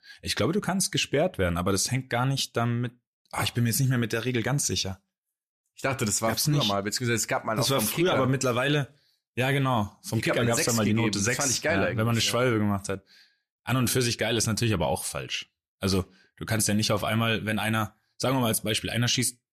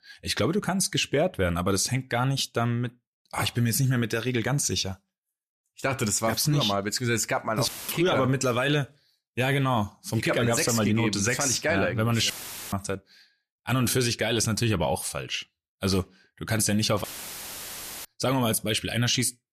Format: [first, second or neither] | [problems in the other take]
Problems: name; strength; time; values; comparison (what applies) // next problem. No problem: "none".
first | audio cutting out; filled with static; at 7.5 s, at 12 s and at 17 s for 1 s